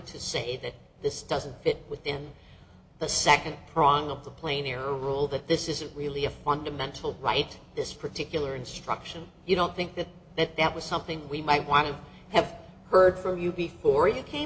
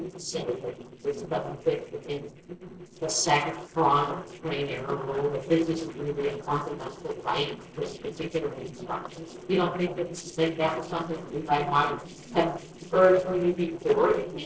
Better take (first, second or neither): first